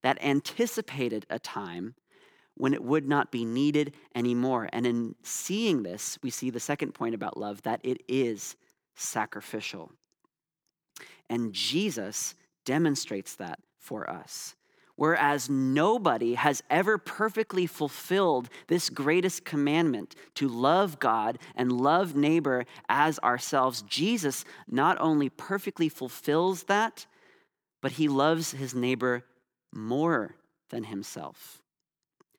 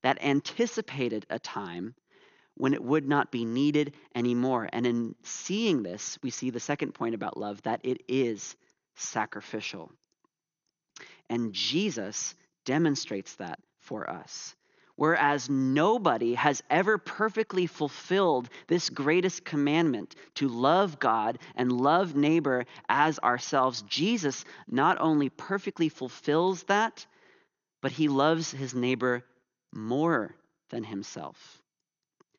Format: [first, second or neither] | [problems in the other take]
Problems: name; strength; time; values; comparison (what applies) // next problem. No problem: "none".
first | garbled, watery; slightly; nothing above 6.5 kHz